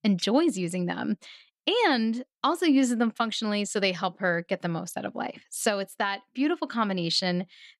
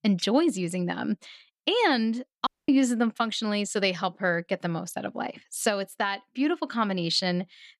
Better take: first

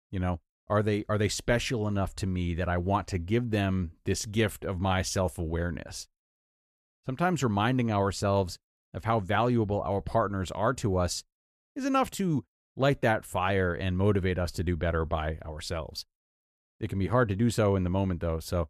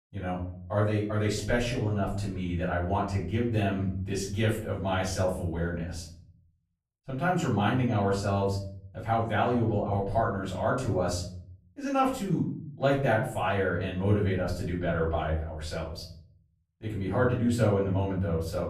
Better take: first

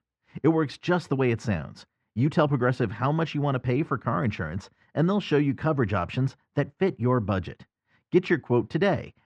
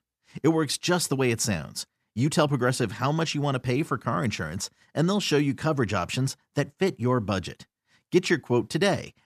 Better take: second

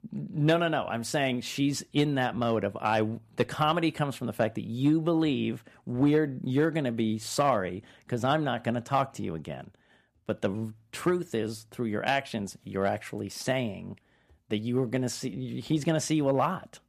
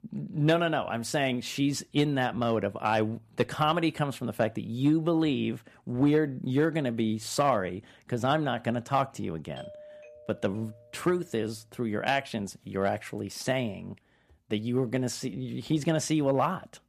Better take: first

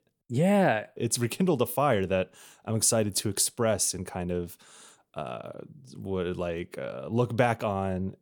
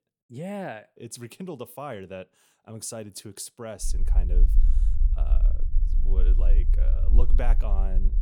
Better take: first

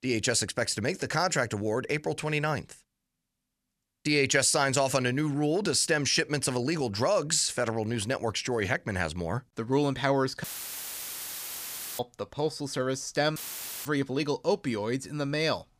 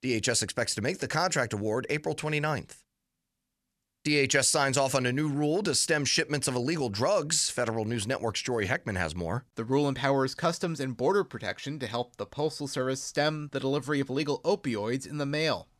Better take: second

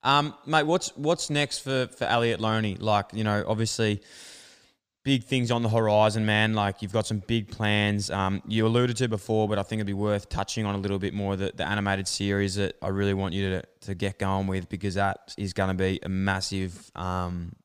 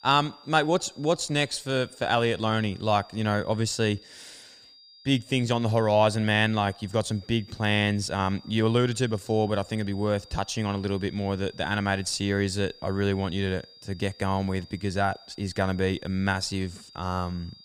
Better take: first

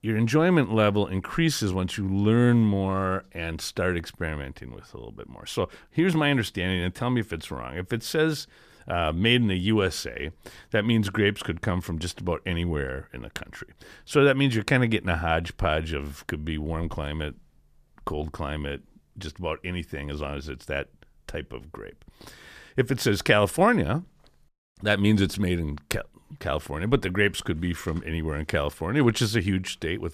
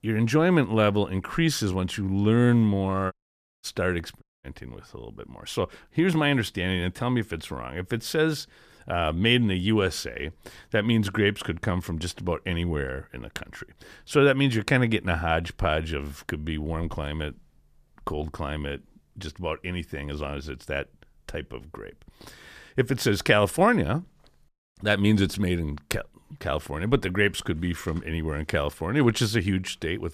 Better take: first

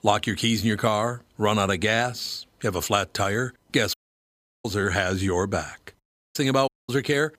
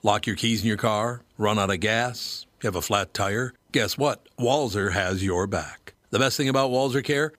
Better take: second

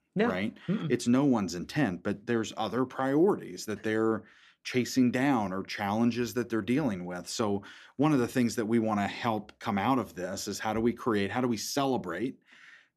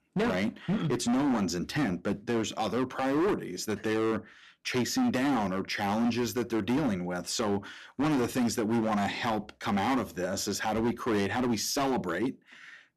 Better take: first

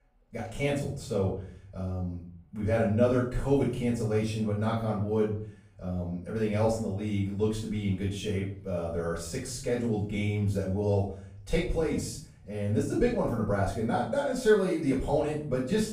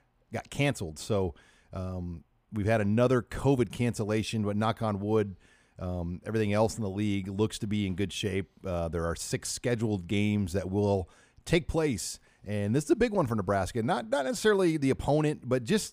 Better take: second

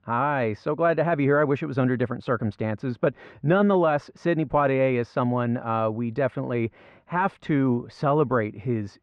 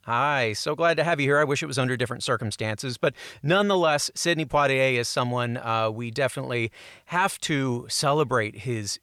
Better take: second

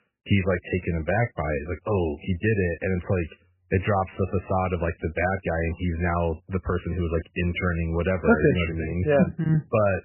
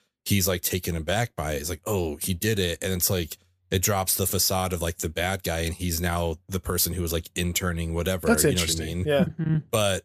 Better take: second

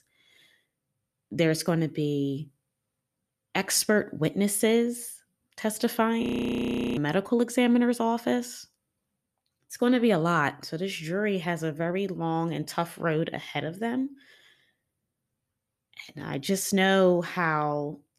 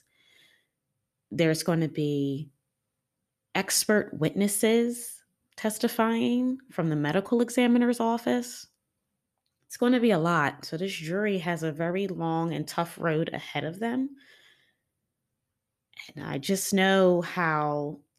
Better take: second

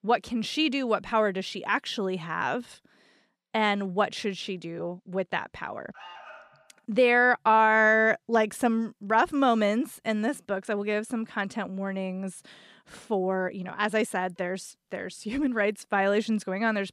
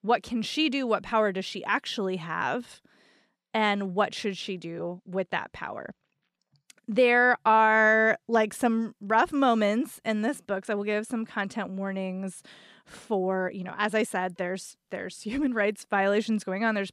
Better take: second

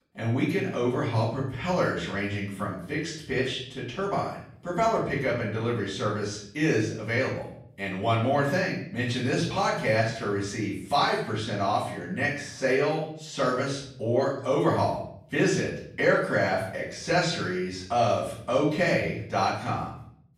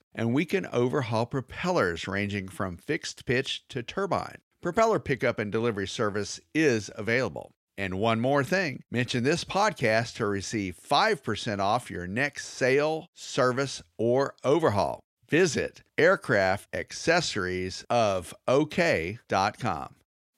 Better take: second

